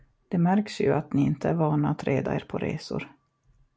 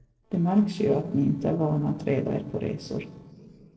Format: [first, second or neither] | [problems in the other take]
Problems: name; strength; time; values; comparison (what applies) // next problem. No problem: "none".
first | noise reduction (neural separator model SepFormer DNS4)